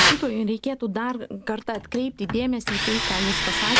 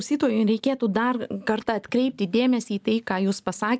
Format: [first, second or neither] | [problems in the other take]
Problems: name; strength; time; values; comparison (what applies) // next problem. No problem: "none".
second | background sound (Tools); 1 dB above the speech